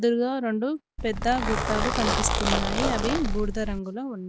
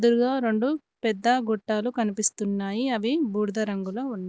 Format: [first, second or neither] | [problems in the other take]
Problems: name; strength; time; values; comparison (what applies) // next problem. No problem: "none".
second | background sound (Zipper (clothing)); 1 dB above the speech